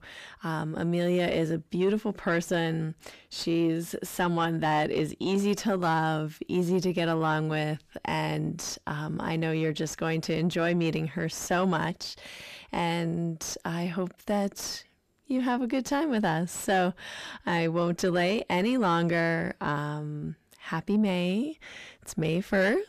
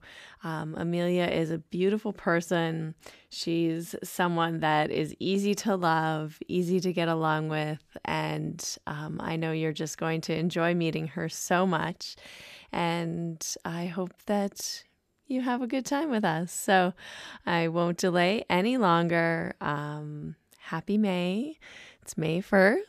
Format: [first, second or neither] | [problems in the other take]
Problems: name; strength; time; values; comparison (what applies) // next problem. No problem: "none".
second | distortion; slight; 10 dB below the speech